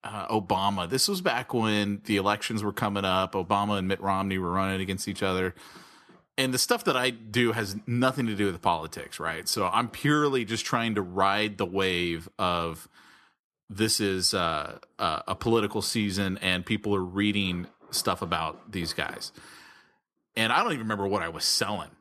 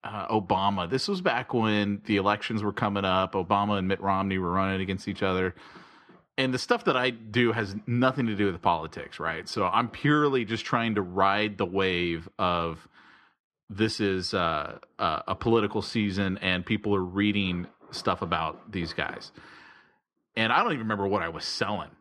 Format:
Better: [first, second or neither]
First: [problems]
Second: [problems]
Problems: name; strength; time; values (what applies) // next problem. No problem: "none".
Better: first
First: none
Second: muffled; slightly; fading above 3.5 kHz